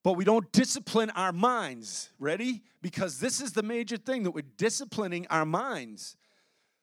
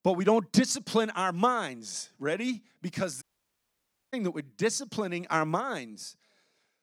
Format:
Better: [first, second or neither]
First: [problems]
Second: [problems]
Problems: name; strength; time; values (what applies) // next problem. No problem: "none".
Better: first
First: none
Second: audio cutting out; at 3 s for 1 s